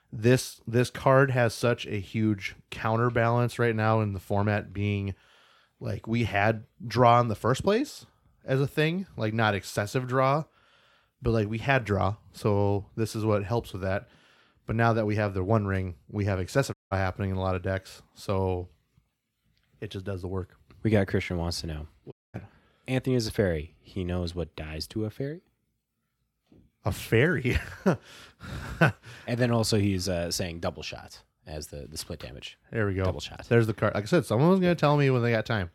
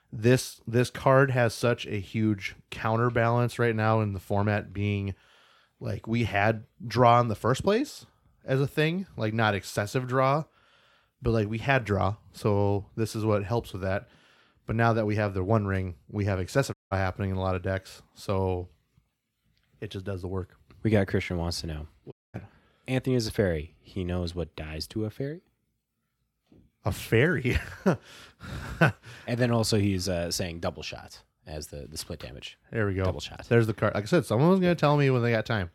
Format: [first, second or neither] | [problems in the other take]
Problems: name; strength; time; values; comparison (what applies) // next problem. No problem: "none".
neither | audio cutting out; at 17 s and at 22 s; the same in both